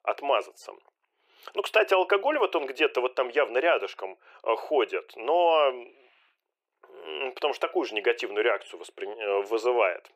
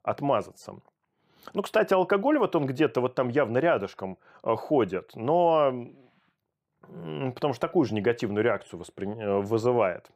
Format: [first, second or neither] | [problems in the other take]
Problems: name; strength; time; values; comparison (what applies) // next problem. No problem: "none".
second | thin; very; fading below 400 Hz